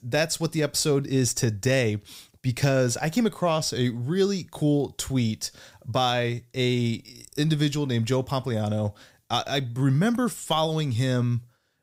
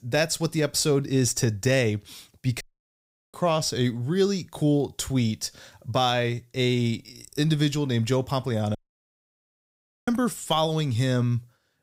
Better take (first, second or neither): first